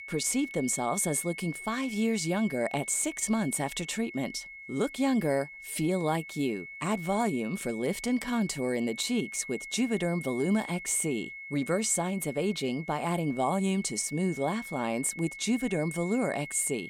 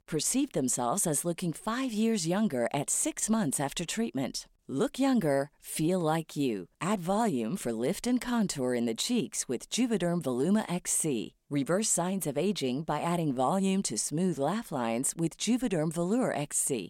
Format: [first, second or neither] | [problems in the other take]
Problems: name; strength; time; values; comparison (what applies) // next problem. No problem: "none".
second | high-pitched whine; noticeable; throughout; 2 kHz, 10 dB below the speech